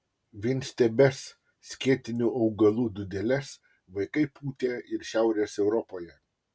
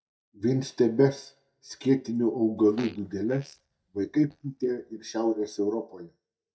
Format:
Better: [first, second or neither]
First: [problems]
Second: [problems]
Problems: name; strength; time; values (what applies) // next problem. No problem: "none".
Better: first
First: none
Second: noise reduction (neural mask model DeepFilterNet 3)